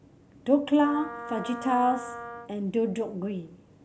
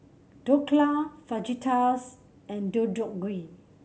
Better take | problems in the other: second | background sound (Wind instrument, woodwind instrument); 13 dB below the speech

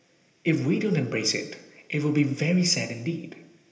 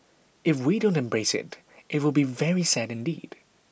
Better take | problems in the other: second | room echo; dies away in 0.8 s

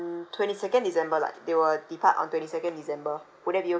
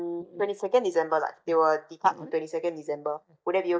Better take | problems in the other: first | noise reduction (neural mask model DeepFilterNet 3)

